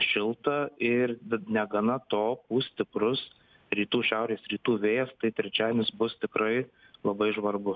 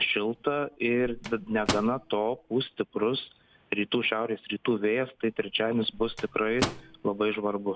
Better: first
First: none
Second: background sound (Microwave oven); 10 dB below the speech

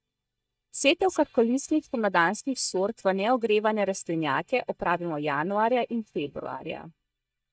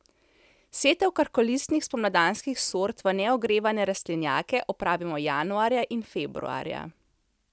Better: second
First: noise reduction (neural mask model DeepFilterNet 3)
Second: none

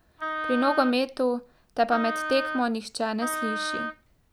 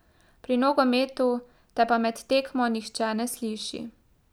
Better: second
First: background sound (Wind instrument, woodwind instrument); 6 dB below the speech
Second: none

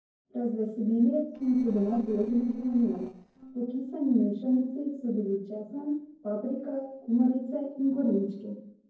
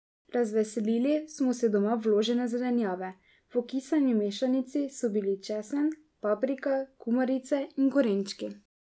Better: second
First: noise reduction (neural separator model SepFormer DNS4)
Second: none

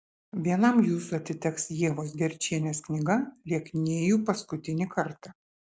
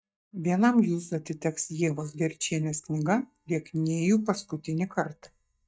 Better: first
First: none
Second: noise reduction (neural mask model DeepFilterNet 3)

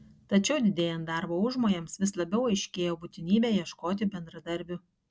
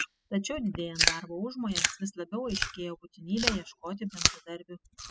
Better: first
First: none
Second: noise reduction (classical method spectral subtraction)

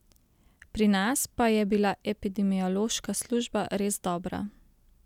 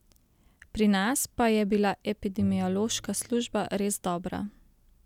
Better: first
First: none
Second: background sound (Bowed string instrument); 17 dB below the speech

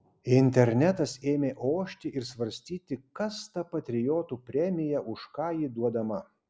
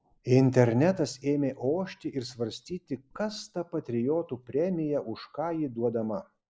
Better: first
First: none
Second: noise reduction (neural mask model Resemble Enhance denoiser)

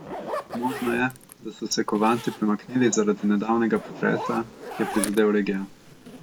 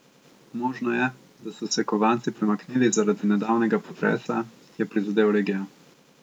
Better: second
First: background sound (Zipper (clothing)); 12 dB below the speech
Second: none

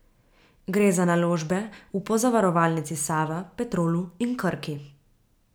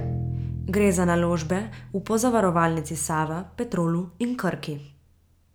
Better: first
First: none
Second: background sound (Bowed string instrument); 10 dB below the speech

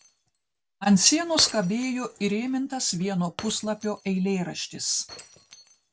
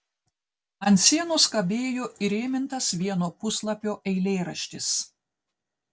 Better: second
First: background sound (Shatter); 18 dB below the speech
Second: none

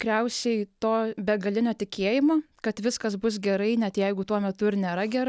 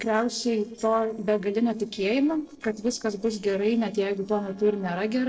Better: first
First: none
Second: noise reduction (neural separator model SepFormer DNS4)

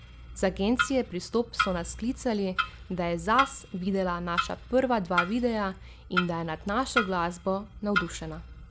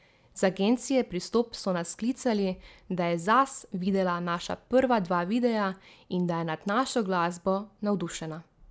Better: second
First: background sound (Clock); 5 dB below the speech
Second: none

